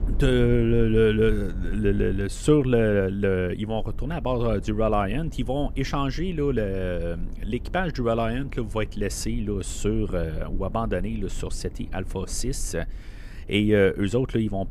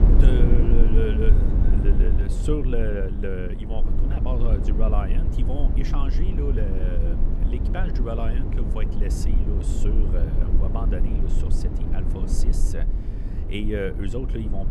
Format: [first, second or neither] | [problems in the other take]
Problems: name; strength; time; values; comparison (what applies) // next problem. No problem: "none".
first | low rumble; loud; throughout; 4 dB below the speech; faint in the first